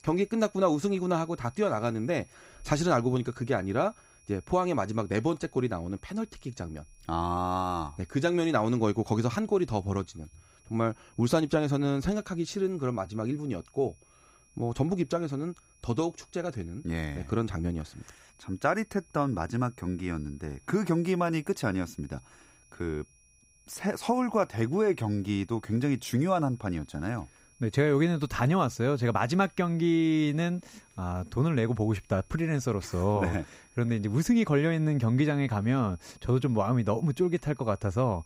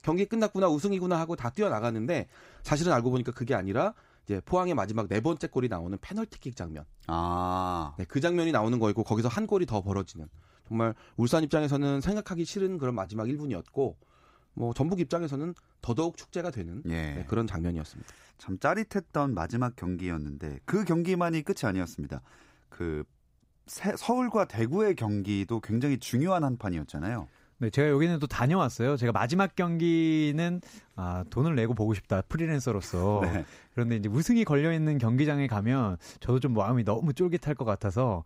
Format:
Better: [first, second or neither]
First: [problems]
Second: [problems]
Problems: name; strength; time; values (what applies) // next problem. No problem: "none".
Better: second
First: high-pitched whine; faint; throughout; 5.5 kHz, 30 dB below the speech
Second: none